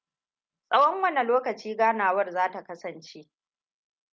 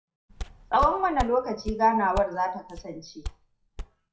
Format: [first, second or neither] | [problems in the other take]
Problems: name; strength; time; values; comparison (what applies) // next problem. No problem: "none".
first | noise reduction (classical method WPE with log-MMSE)